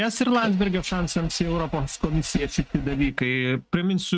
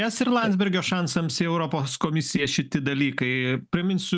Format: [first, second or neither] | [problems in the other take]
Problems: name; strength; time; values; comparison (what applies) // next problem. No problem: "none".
second | noise reduction (neural mask model RNNoise)